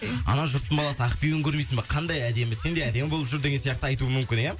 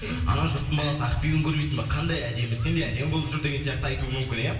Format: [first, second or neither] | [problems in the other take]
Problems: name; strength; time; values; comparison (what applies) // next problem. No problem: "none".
first | room echo; dies away in 1 s